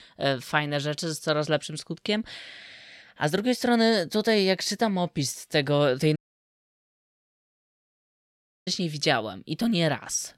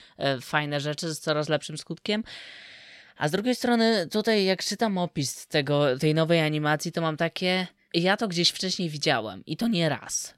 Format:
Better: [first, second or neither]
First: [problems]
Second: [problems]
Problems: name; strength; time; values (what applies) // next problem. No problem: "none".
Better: second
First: audio cutting out; at 6 s for 2.5 s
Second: none